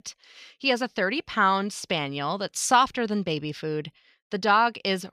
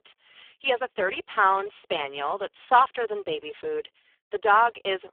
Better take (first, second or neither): first